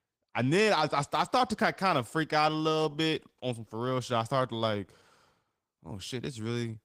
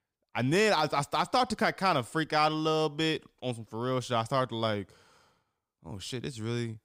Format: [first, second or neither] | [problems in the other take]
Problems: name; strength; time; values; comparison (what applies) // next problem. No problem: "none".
second | garbled, watery; slightly; nothing above 15.5 kHz